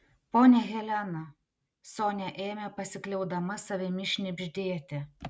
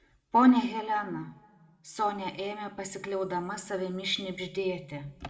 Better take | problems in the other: first | room echo; dies away in 1.4 s

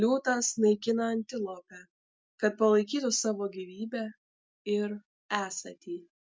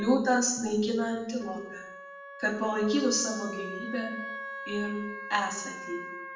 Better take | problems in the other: first | background sound (Wind instrument, woodwind instrument); 11 dB below the speech // room echo; dies away in 0.8 s

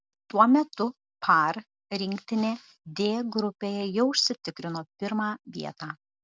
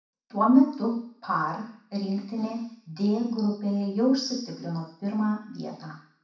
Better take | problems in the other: first | room echo; dies away in 0.6 s

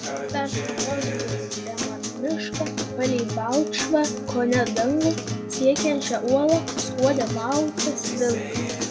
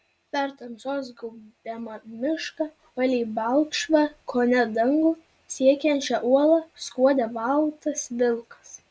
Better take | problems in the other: second | background sound (Acoustic guitar); 3 dB below the speech

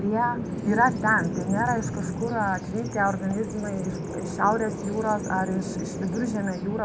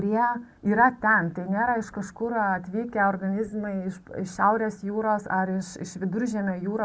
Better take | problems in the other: second | background sound (Bird vocalization, bird call, bird song); 5 dB below the speech

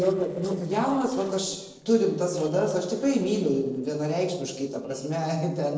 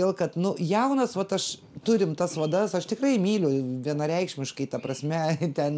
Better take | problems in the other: second | noise reduction (neural separator model SepFormer DNS4)

